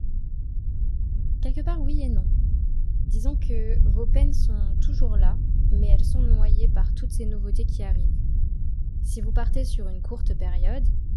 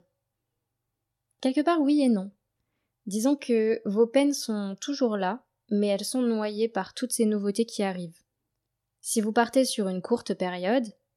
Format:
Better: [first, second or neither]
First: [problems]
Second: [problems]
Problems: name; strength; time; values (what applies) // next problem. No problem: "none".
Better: second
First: low rumble; loud; throughout; 5 dB below the speech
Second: none